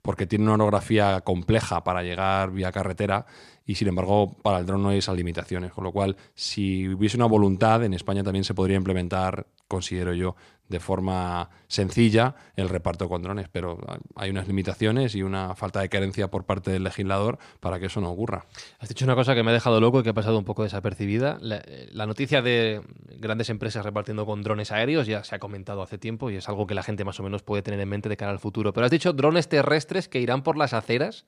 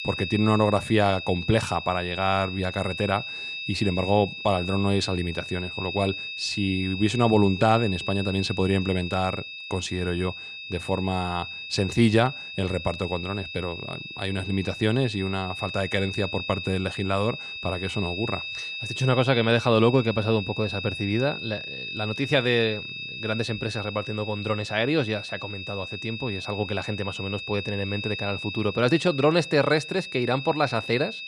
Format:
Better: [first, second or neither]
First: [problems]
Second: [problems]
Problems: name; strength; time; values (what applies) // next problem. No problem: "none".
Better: first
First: none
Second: high-pitched whine; loud; throughout; 2.5 kHz, 7 dB below the speech